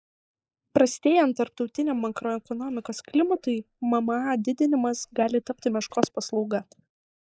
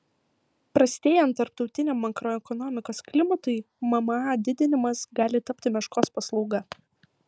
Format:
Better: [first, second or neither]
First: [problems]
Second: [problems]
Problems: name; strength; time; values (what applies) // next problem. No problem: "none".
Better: second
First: noise reduction (neural mask model Resemble Enhance denoiser)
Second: none